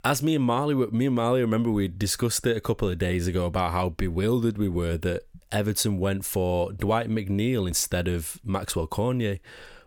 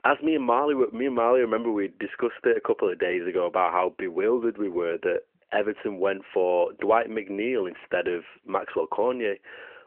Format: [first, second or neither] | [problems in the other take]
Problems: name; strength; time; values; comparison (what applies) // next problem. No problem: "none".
first | phone-call audio